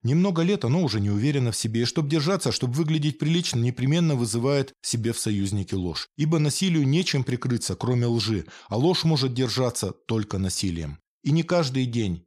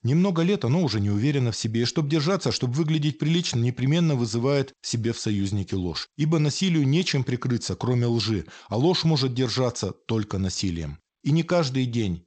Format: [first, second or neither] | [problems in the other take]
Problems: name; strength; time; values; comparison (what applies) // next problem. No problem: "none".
first | garbled, watery; slightly; nothing above 8 kHz